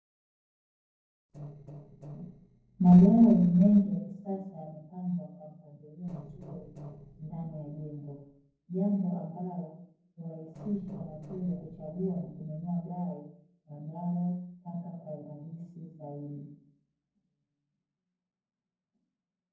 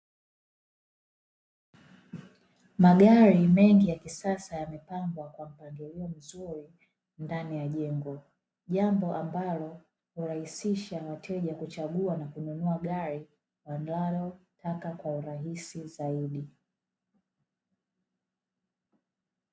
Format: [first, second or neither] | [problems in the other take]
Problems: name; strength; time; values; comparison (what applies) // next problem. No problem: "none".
second | noise reduction (neural separator model SepFormer DNS4)